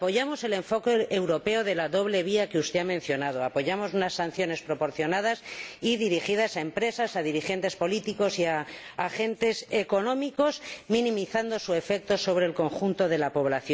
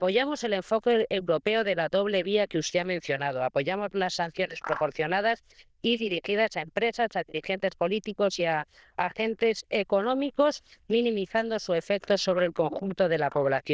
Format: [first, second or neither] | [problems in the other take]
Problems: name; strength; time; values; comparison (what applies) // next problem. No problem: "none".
first | noise reduction (neural diffusion model UNIVERSE++)